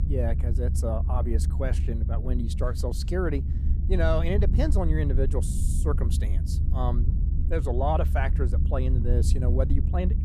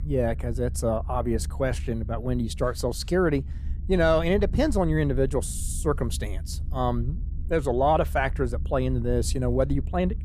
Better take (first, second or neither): second